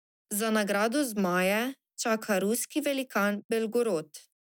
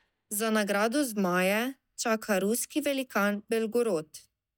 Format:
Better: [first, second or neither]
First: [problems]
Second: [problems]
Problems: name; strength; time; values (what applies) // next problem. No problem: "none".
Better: first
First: none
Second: noise reduction (neural mask model DeepFilterNet 3)